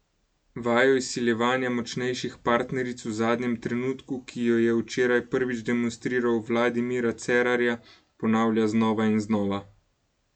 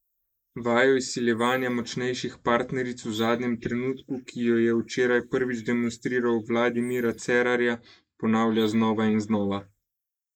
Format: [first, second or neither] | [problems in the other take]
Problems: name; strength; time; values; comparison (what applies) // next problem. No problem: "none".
first | noise reduction (neural mask model Resemble Enhance denoiser)